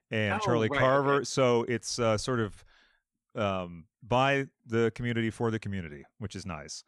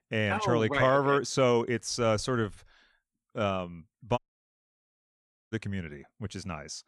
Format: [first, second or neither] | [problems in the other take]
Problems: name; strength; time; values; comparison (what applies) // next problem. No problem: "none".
first | audio cutting out; at 4 s for 1.5 s